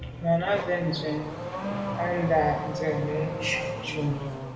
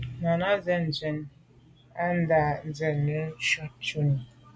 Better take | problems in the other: second | background sound (Accelerating, revving, vroom / Car); 6 dB below the speech // room echo; dies away in 0.8 s

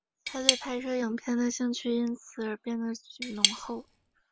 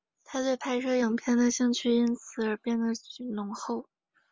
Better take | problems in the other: second | background sound (Cutlery, silverware / Tap); 1 dB above the speech

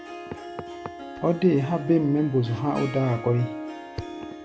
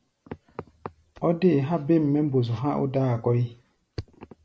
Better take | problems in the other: second | background sound (Harp); 11 dB below the speech

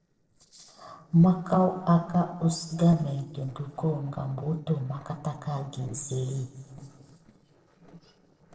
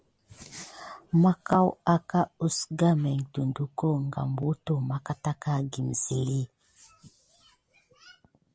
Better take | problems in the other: second | noise reduction (neural separator model SepFormer DNS4)

